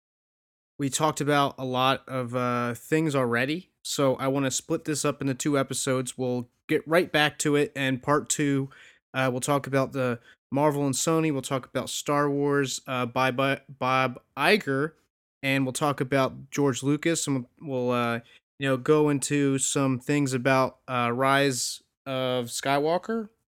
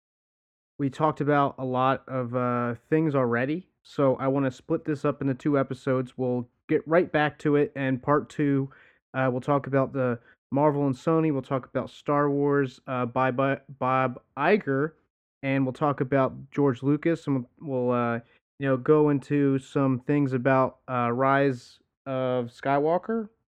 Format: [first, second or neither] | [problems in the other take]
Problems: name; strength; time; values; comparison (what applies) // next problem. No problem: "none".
first | muffled; very; fading above 3.5 kHz